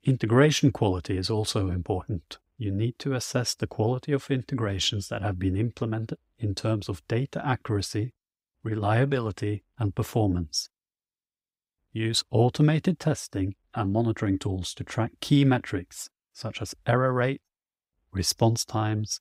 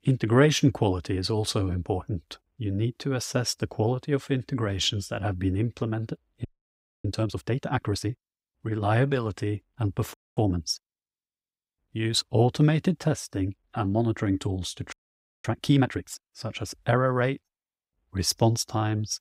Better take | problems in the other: first | audio freezing; at 6.5 s for 0.5 s, at 10 s and at 15 s for 0.5 s

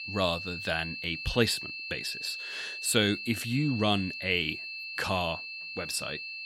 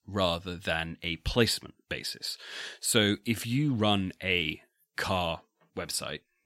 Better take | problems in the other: second | high-pitched whine; loud; throughout; 2.5 kHz, 6 dB below the speech

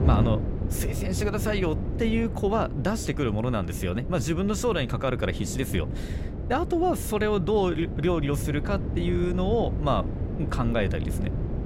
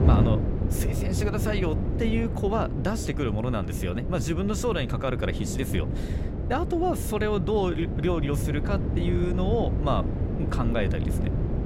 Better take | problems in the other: first | wind noise on the microphone; heavy; 7 dB below the speech; occasional gusts in the first

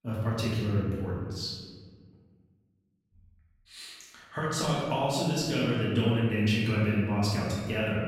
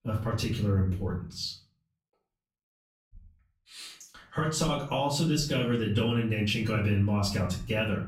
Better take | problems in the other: second | room echo; strong; dies away in 1.6 s; slight in the second // off-mic speech; far; far in the second

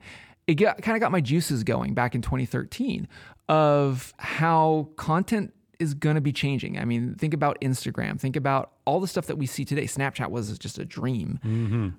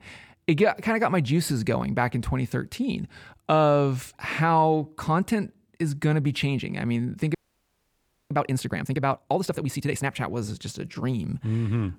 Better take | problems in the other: first | audio freezing; at 7.5 s for 1 s

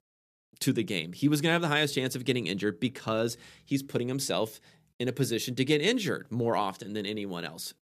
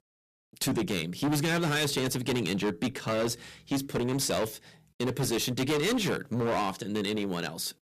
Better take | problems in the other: first | distortion; heavy; 18% of the sound clipped

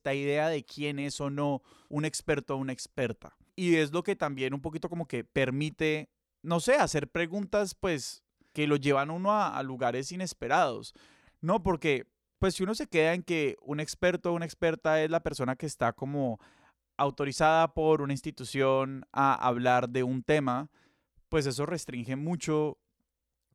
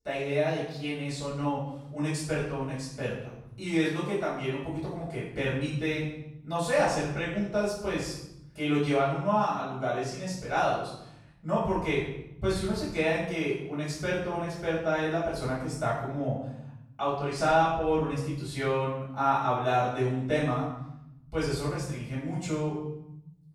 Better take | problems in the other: first | off-mic speech; far // room echo; noticeable; dies away in 0.9 s

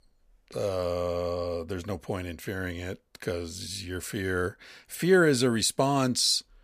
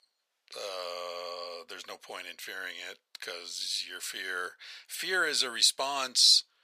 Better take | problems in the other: first | thin; very; fading below 850 Hz

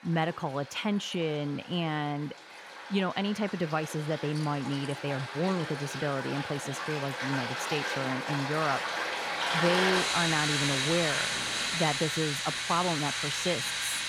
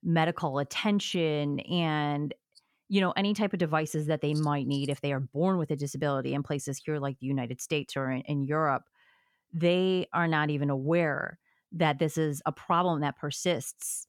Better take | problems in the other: second | rain or running water; very loud; throughout; 1 dB above the speech

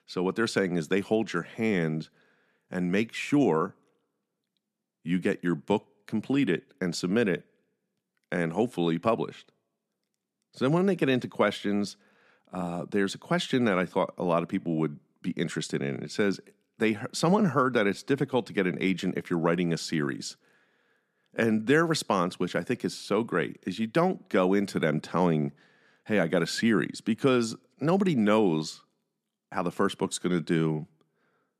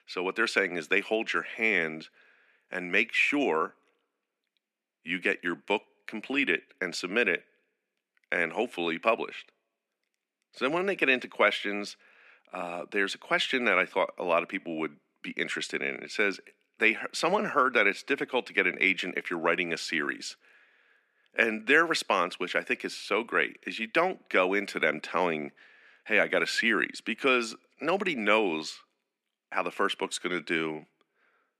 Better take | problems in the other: first | thin; somewhat; fading below 250 Hz

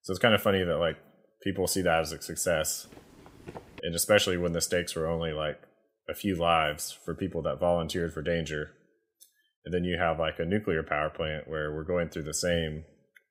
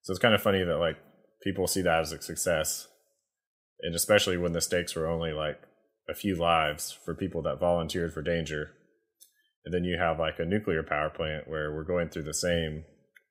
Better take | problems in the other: second | footsteps; faint; at 3 s; peak 15 dB below the speech

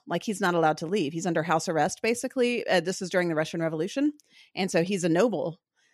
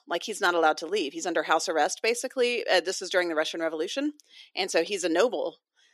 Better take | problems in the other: first | thin; somewhat; fading below 300 Hz

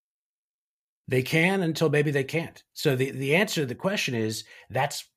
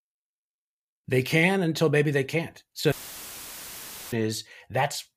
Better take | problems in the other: first | audio cutting out; filled with static; at 3 s for 1 s

